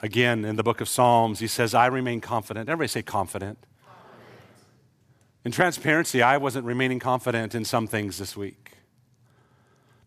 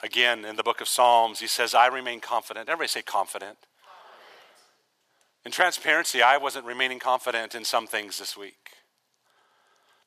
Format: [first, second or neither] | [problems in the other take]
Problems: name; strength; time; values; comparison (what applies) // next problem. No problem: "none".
first | thin; very; fading below 700 Hz